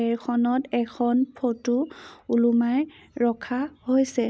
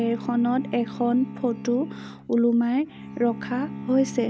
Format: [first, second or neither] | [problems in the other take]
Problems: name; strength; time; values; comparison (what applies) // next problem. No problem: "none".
first | background sound (Bowed string instrument); 12 dB below the speech